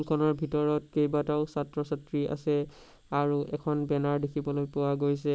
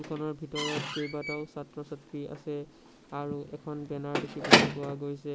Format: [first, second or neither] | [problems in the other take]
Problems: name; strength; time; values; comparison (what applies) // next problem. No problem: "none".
first | background sound (Squeak / Slam / Wood); 5 dB above the speech